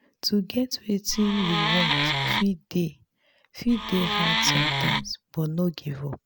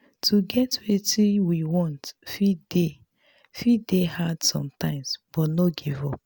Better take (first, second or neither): second